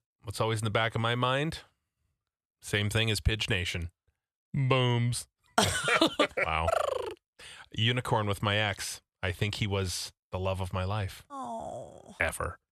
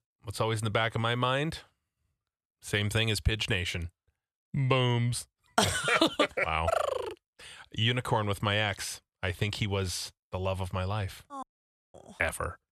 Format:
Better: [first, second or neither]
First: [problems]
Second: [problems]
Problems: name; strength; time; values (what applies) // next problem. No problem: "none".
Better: first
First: none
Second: audio cutting out; at 11 s for 0.5 s